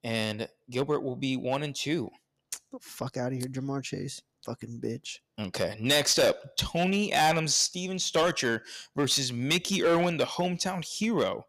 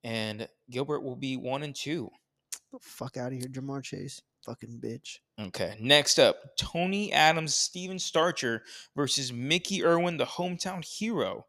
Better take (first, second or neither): second